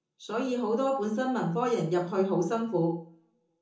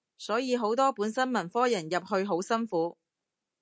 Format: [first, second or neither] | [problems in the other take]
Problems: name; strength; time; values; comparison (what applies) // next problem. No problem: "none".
second | room echo; dies away in 0.6 s